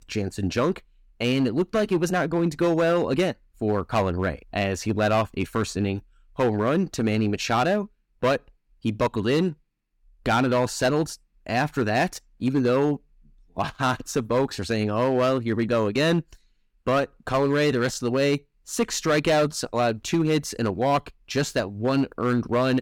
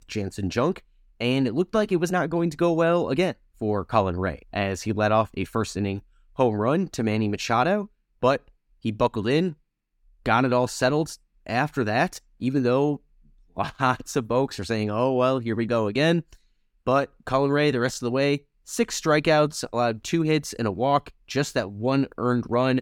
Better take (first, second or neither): second